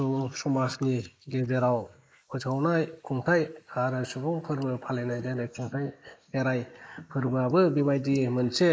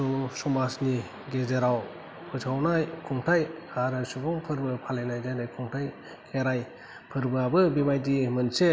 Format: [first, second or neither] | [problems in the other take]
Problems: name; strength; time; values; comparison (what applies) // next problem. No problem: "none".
second | noise reduction (neural mask model Resemble Enhance denoiser)